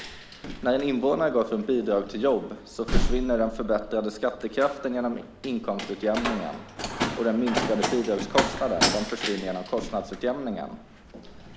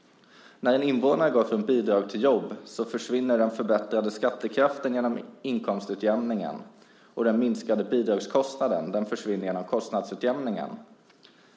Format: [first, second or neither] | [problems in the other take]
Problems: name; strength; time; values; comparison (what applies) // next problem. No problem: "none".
second | background sound (Slam); 4 dB below the speech